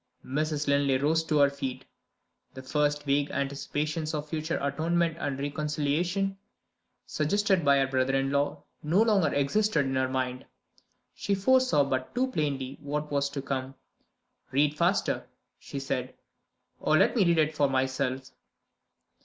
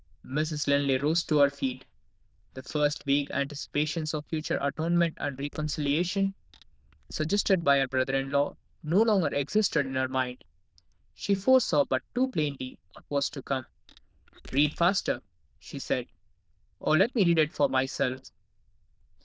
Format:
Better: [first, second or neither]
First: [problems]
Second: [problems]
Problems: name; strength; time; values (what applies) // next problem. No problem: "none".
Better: first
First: none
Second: noise reduction (neural diffusion model UNIVERSE++)